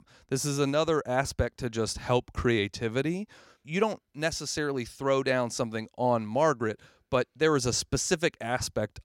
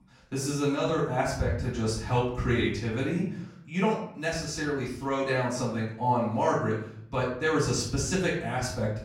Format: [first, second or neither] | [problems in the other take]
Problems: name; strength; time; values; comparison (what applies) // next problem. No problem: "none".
first | room echo; noticeable; dies away in 0.7 s // off-mic speech; far